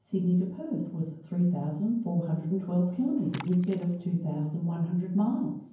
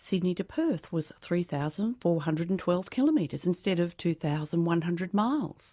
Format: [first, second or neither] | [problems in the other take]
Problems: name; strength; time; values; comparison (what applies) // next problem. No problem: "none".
second | background sound (Splash, splatter); 19 dB below the speech // room echo; dies away in 0.9 s